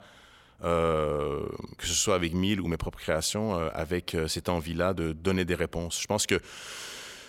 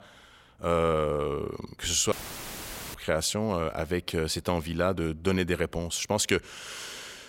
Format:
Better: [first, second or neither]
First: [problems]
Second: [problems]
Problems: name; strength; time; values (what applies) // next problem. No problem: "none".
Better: first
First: none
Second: audio cutting out; filled with static; at 2 s for 1 s